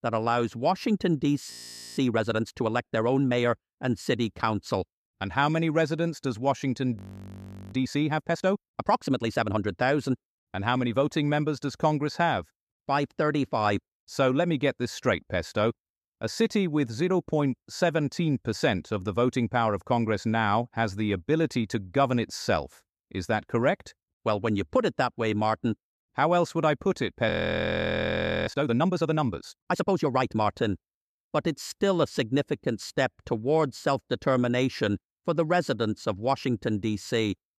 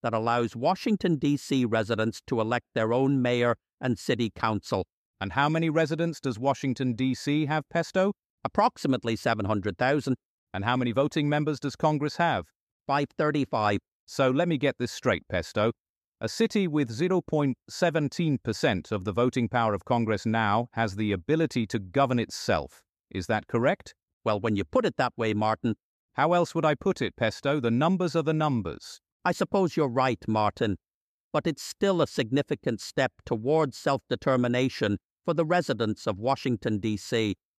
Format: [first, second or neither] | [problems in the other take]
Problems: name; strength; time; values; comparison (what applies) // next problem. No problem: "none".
second | audio freezing; at 1.5 s, at 7 s for 1 s and at 27 s for 1 s